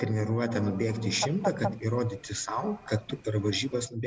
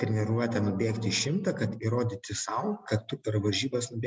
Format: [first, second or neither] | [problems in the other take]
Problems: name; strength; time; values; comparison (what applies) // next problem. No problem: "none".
second | background sound (Fowl); 11 dB below the speech